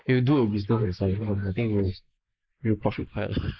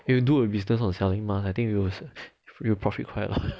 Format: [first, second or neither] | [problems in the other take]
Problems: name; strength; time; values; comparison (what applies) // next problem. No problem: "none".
second | noise reduction (neural mask model Resemble Enhance denoiser)